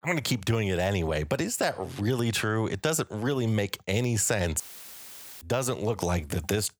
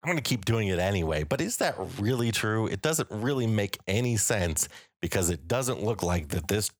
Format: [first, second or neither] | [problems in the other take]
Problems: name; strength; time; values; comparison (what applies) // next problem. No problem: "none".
second | audio cutting out; filled with static; at 4.5 s for 1 s